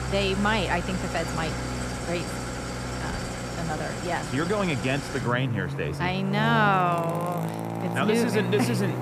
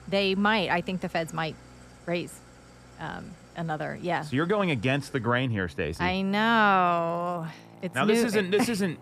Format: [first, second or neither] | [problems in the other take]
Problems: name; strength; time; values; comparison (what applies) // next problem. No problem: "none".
second | traffic noise; loud; throughout; 4 dB below the speech; faint in the second